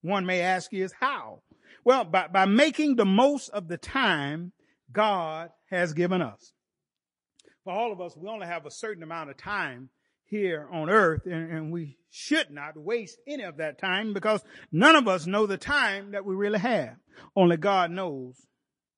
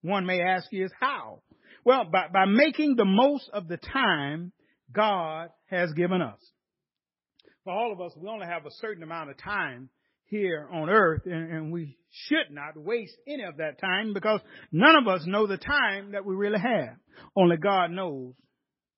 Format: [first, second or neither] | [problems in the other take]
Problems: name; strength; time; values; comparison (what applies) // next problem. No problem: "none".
first | garbled, watery; badly; nothing above 5.5 kHz; slightly in the first